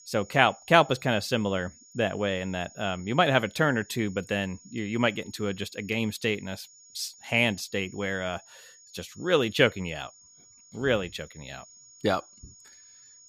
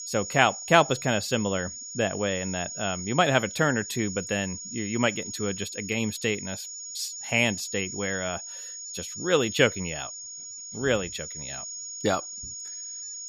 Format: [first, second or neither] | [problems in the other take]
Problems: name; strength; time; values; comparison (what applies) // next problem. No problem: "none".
first | high-pitched whine; loud; throughout; 6.5 kHz, 9 dB below the speech; faint in the first